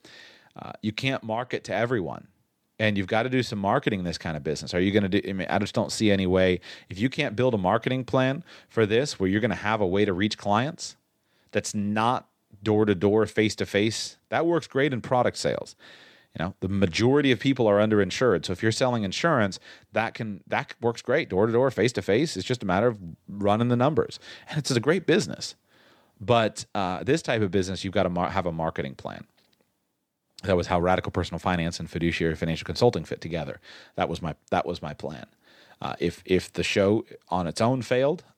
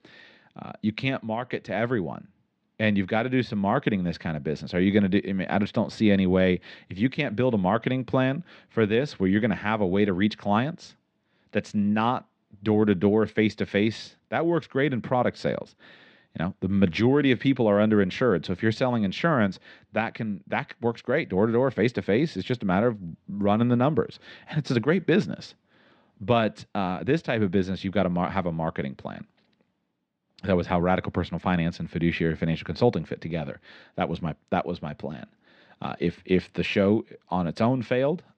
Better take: first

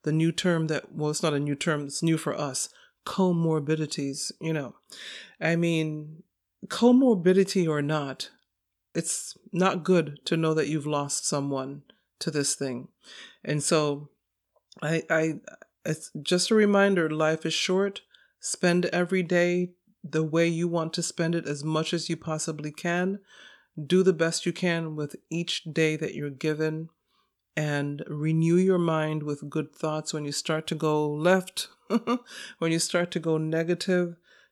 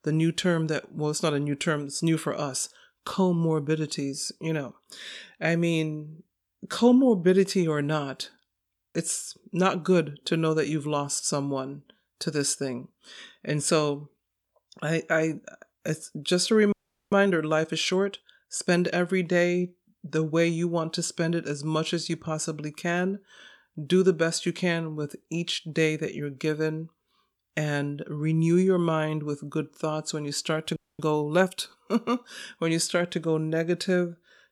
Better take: first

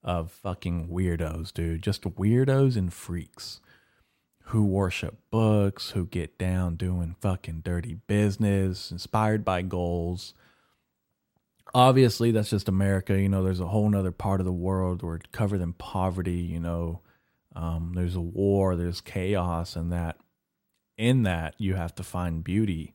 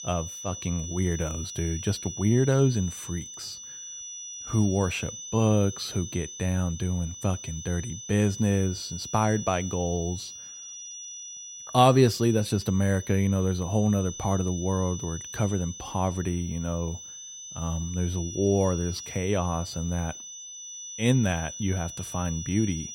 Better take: first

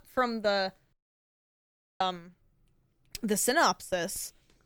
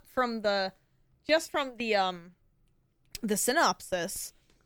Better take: second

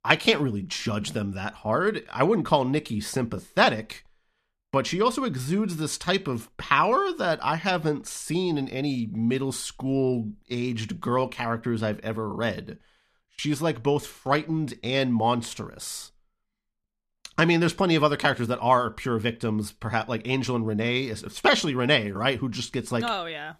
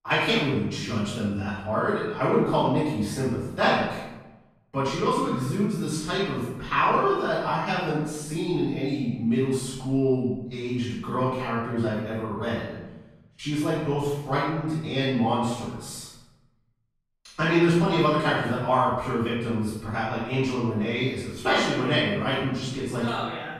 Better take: first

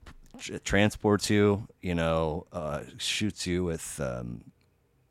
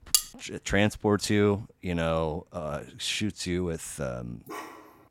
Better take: first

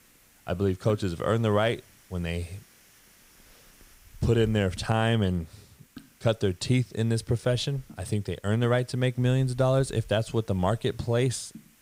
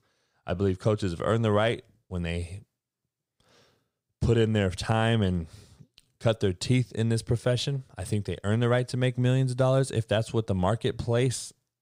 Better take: second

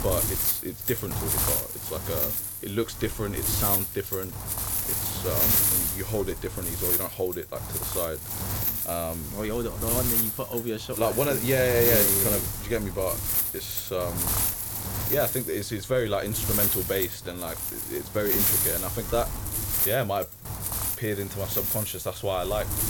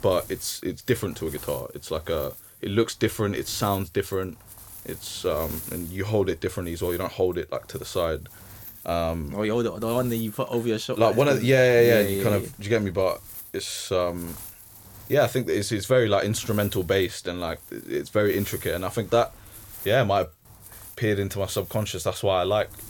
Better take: second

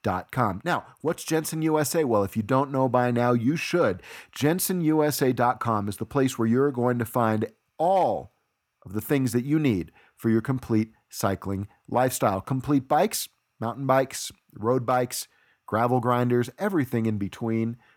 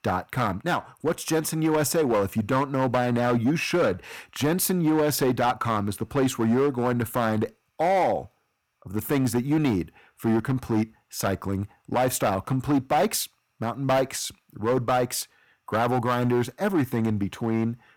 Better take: first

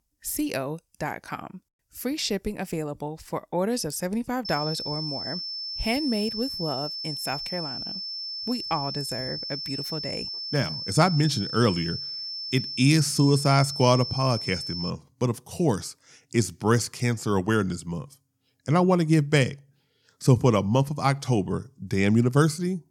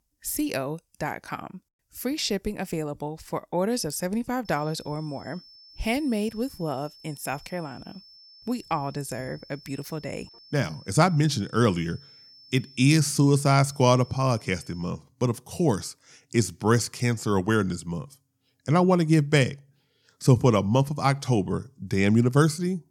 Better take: second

